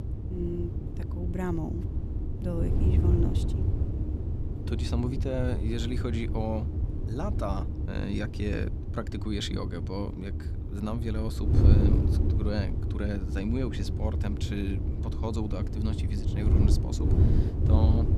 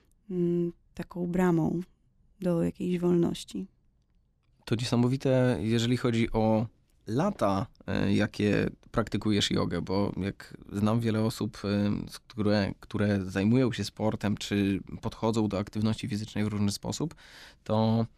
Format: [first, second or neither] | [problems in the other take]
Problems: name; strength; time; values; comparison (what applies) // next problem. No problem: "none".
second | wind noise on the microphone; heavy; 3 dB below the speech